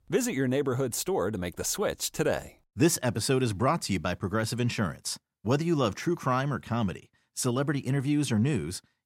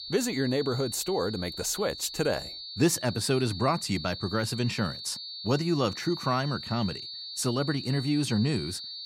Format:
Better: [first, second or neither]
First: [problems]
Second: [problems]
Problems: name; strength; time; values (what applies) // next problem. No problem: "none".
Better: first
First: none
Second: high-pitched whine; loud; throughout; 4.5 kHz, 8 dB below the speech